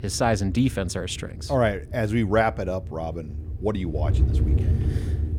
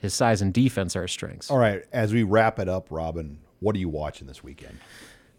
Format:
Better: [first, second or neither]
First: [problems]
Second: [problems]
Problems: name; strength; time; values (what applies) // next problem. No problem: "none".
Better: second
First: wind noise on the microphone; occasional gusts; 15 dB below the speech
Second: none